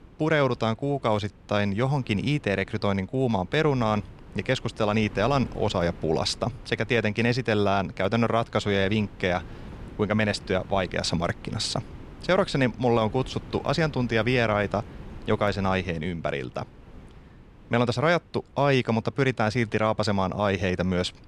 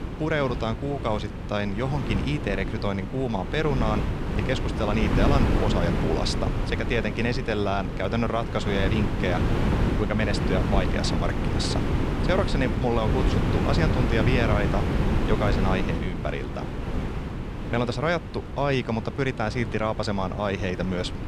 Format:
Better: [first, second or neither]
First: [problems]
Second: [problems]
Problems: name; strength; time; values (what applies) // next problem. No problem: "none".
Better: first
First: wind noise on the microphone; occasional gusts; 25 dB below the speech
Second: wind noise on the microphone; heavy; 4 dB below the speech